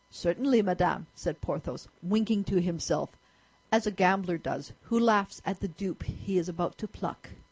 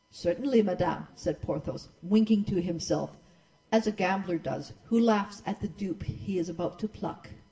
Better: first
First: none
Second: room echo; dies away in 0.9 s

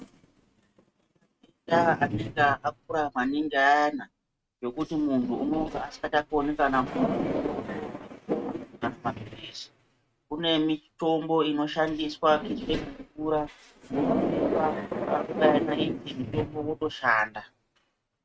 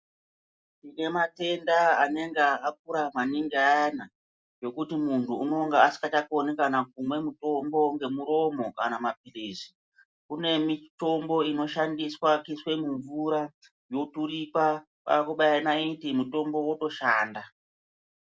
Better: second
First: noise reduction (neural mask model RNNoise)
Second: none

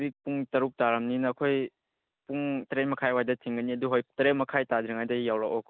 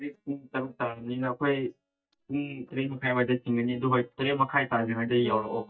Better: first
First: none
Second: noise reduction (neural mask model DeepFilterNet 3)

